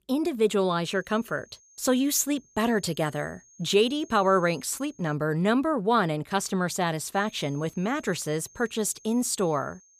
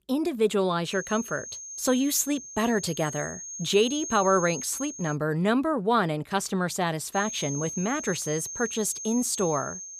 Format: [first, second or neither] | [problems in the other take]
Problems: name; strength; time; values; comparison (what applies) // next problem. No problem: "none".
first | high-pitched whine; loud; from 1 to 5 s and from 7 s on; 6.5 kHz, 8 dB below the speech; faint in the first